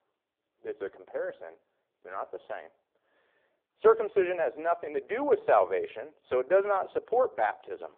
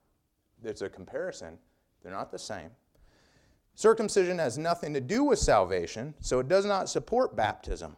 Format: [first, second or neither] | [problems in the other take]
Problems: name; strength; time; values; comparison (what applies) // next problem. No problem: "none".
second | phone-call audio; poor line